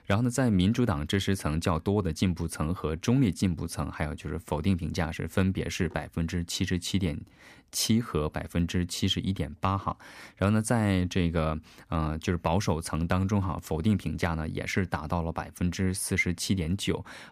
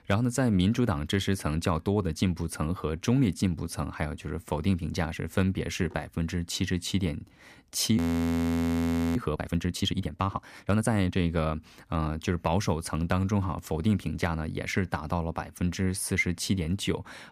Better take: first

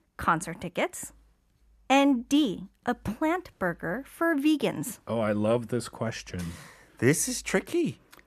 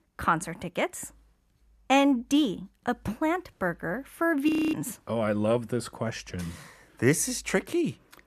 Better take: first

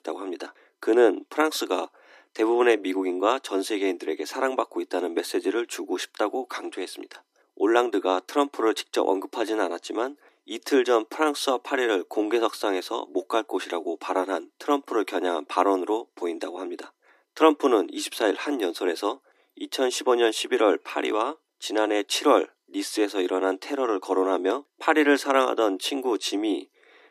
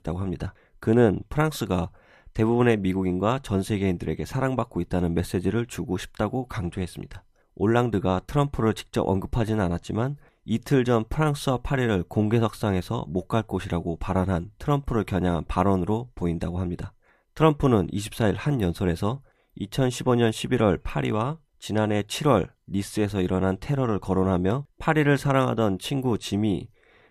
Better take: second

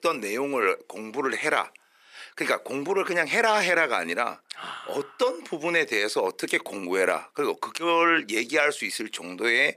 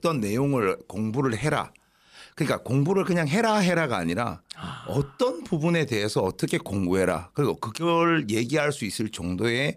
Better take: second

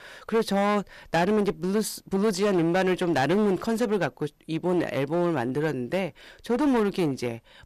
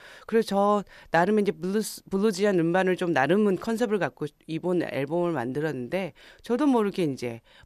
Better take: second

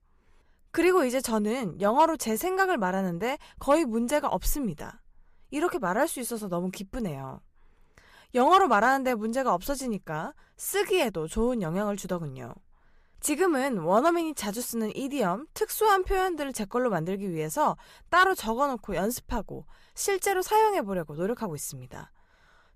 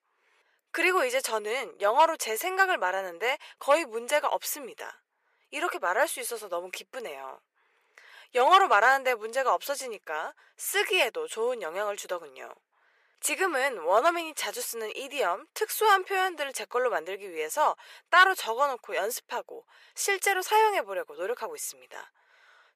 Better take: first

